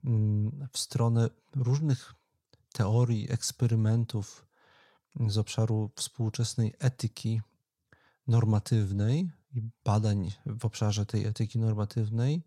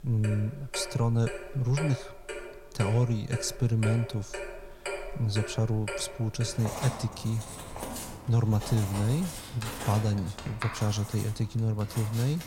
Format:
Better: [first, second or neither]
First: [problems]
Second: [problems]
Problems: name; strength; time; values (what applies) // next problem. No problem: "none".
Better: first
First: none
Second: household noises; loud; throughout; 10 dB below the speech